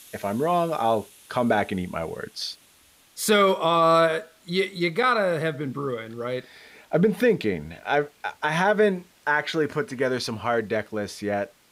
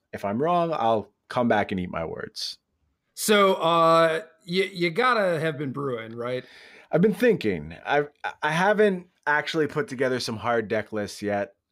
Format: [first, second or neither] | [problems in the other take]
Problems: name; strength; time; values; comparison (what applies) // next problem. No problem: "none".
second | hiss; faint; throughout; 30 dB below the speech